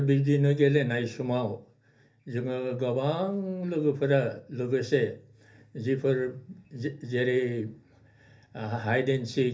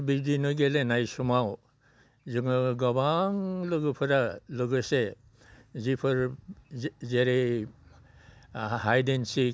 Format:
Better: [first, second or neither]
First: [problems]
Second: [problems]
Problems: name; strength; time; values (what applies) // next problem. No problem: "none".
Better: second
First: room echo; dies away in 0.3 s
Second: none